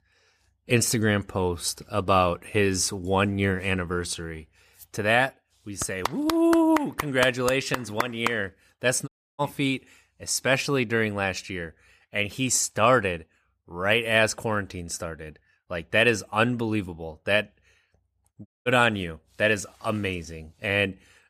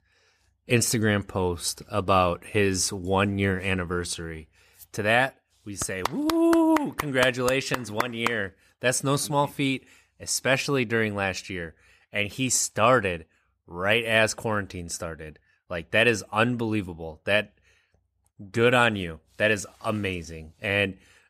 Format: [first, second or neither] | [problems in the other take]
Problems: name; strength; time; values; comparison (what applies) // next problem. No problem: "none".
second | audio cutting out; at 9 s and at 18 s